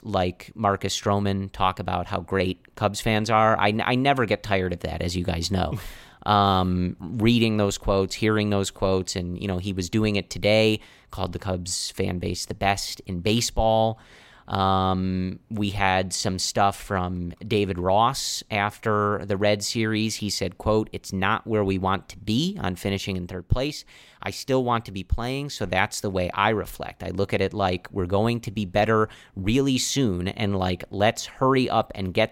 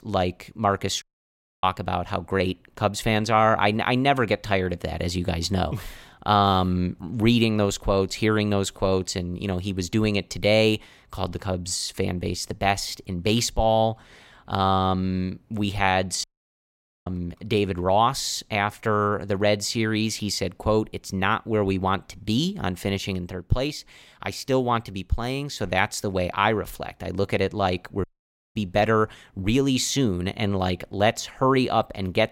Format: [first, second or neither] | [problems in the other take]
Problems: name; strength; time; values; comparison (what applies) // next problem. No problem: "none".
first | audio cutting out; at 1 s for 0.5 s, at 16 s for 1 s and at 28 s for 0.5 s